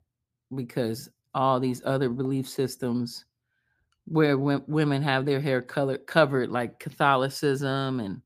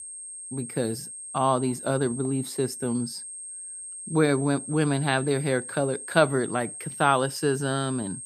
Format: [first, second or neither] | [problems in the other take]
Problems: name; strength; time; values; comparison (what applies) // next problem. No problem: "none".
first | high-pitched whine; loud; throughout; 8.5 kHz, 10 dB below the speech